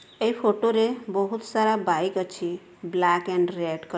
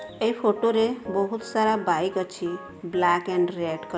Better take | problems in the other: first | background sound (Organ); 16 dB below the speech

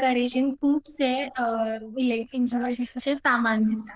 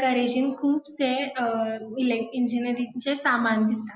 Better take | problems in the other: second | noise reduction (neural diffusion model UNIVERSE++)

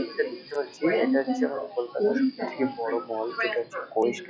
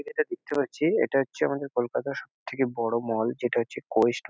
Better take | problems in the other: second | noise reduction (classical method log-MMSE)

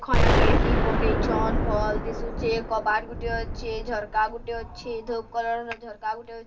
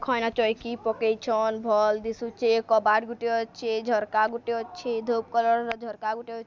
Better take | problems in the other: second | background sound (Explosion); 4 dB above the speech // room echo; dies away in 0.2 s

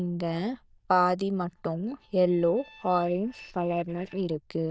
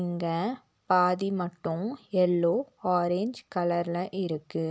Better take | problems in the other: second | noise reduction (neural diffusion model UNIVERSE++)

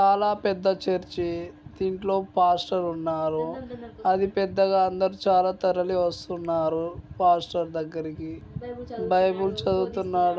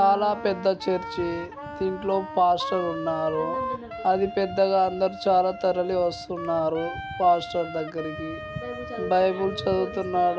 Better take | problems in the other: first | background sound (Wind instrument, woodwind instrument); 11 dB below the speech

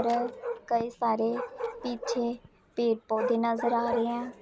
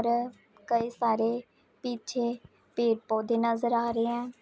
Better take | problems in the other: second | background sound (Bark); 7 dB below the speech

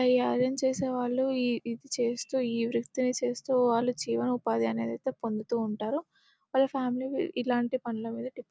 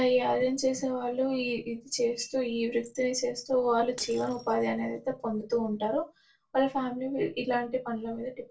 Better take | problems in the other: first | noise reduction (neural separator model SepFormer DNS4)

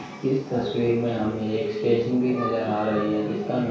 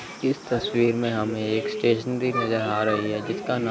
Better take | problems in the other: second | room echo; dies away in 0.6 s

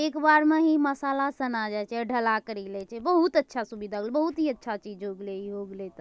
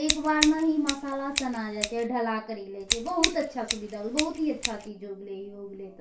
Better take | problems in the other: first | background sound (Scissors); 3 dB below the speech // room echo; dies away in 0.3 s

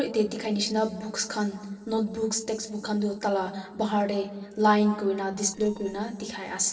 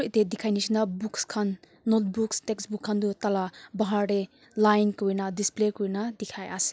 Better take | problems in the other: second | noise reduction (neural separator model SepFormer DNS4)

